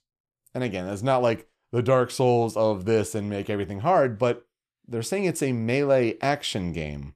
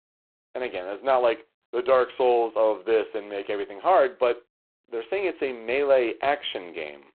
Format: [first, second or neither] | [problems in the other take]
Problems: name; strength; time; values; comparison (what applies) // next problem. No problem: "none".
first | phone-call audio; poor line